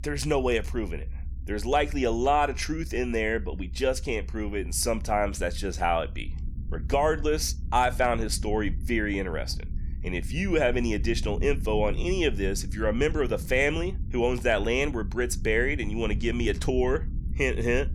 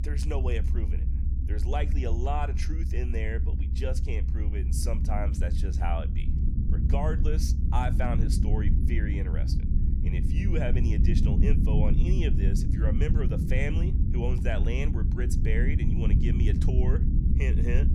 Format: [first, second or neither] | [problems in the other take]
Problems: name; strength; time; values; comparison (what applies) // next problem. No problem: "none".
first | low rumble; loud; throughout; 4 dB below the speech; faint in the first